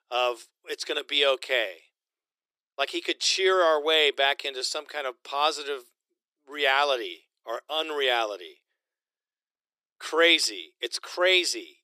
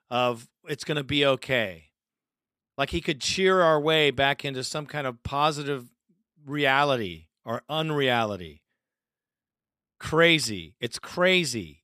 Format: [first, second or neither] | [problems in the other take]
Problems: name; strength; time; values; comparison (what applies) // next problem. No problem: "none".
second | thin; very; fading below 350 Hz